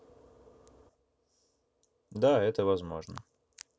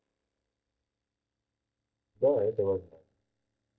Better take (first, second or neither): first